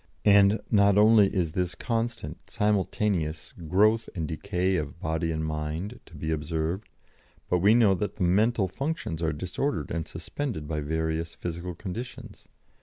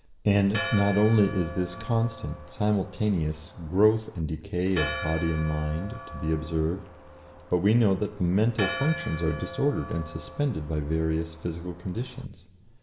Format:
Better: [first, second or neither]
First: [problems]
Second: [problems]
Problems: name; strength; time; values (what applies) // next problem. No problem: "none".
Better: first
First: none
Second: background sound (Church bell); 12 dB below the speech // room echo; dies away in 2 s